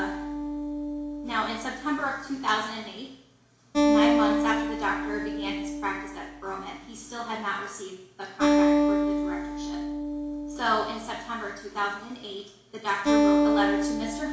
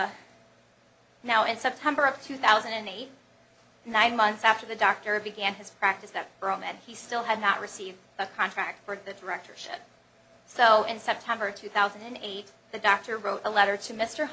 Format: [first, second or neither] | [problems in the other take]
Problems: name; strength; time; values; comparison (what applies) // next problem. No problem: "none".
second | background sound (Acoustic guitar); 5 dB above the speech // room echo; dies away in 0.7 s